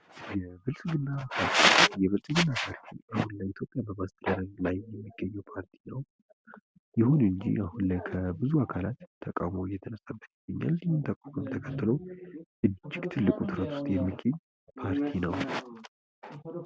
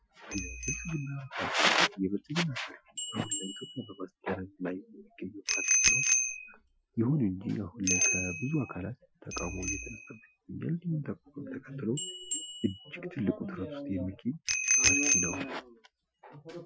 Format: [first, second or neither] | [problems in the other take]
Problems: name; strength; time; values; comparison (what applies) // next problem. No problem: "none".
first | noise reduction (classical method Wiener filter)